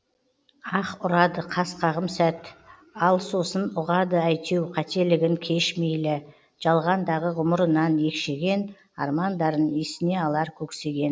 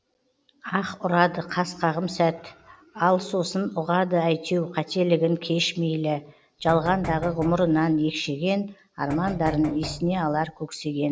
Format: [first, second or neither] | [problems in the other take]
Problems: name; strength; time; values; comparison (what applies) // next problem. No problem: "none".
first | background sound (Knock); 11 dB below the speech